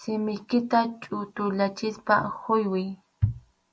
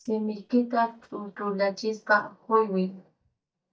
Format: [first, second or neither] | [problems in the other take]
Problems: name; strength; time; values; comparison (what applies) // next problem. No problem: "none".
first | noise reduction (neural mask model DeepFilterNet 3)